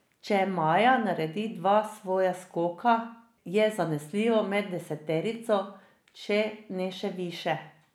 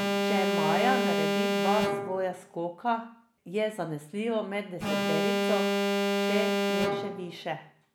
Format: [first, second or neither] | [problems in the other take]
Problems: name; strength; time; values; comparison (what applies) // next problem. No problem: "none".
first | background sound (Alarm); 3 dB above the speech